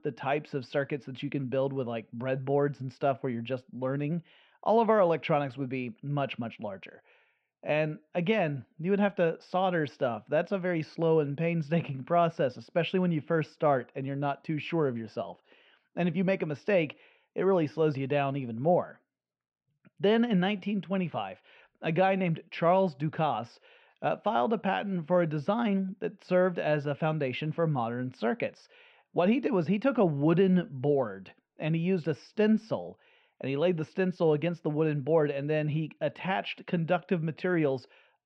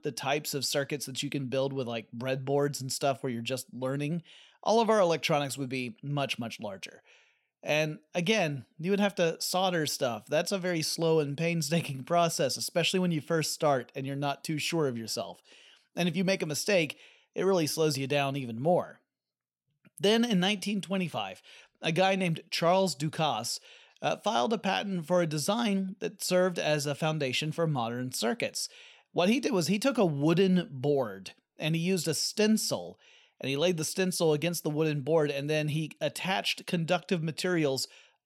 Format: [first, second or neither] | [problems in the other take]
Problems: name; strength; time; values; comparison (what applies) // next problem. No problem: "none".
second | muffled; very; fading above 2 kHz